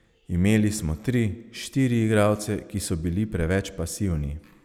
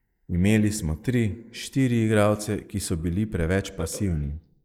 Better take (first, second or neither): first